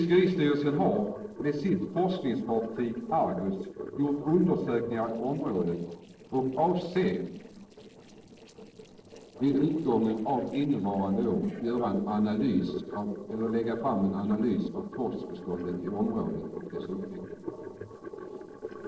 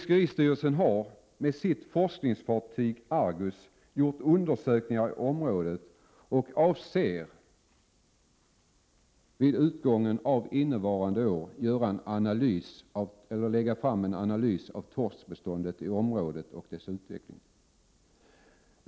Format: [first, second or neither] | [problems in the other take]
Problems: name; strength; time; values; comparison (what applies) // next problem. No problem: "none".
second | noise reduction (neural separator model SepFormer DNS4)